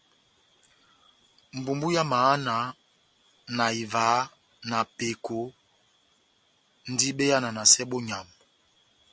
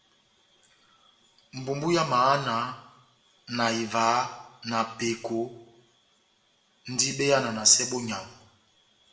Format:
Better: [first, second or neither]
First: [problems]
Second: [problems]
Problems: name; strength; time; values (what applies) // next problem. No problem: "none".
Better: first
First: none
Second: room echo; dies away in 0.7 s